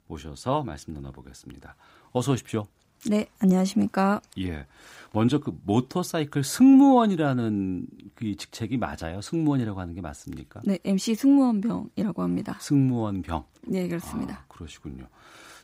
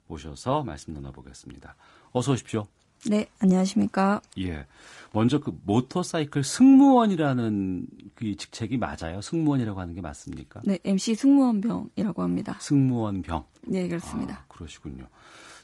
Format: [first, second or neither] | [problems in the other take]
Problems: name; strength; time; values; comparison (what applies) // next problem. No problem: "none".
first | garbled, watery; slightly; nothing above 10.5 kHz